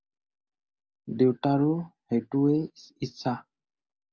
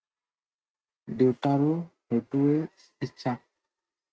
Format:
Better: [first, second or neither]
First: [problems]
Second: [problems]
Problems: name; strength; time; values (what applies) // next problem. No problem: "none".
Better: first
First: none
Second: noise reduction (neural mask model RNNoise)